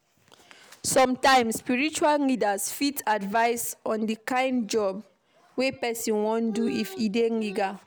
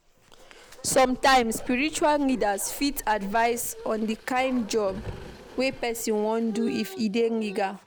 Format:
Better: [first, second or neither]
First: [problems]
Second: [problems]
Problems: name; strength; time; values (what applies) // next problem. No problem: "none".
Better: first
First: none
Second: background sound (Bark); 17 dB below the speech